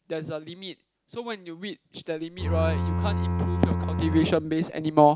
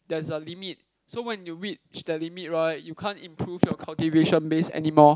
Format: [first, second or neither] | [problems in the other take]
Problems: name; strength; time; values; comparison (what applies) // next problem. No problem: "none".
second | background sound (Bowed string instrument); as loud as the speech